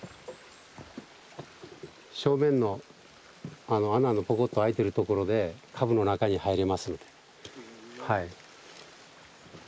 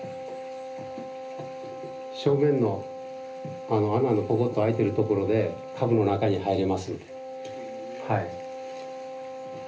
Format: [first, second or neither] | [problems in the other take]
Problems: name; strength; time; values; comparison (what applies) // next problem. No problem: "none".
first | background sound (Wind instrument, woodwind instrument); 11 dB below the speech // room echo; dies away in 0.3 s